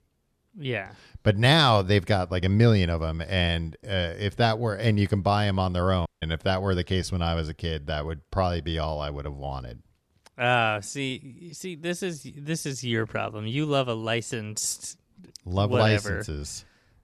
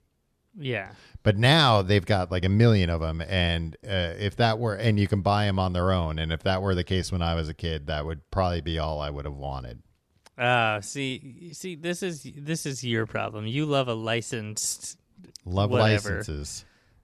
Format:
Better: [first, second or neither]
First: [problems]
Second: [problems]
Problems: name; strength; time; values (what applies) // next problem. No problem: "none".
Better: second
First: audio cutting out; at 6 s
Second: none